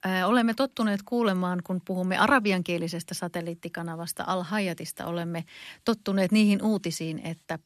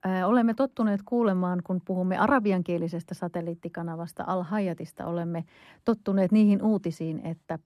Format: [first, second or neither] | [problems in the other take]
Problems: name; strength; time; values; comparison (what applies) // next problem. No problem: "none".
first | muffled; slightly; fading above 1.5 kHz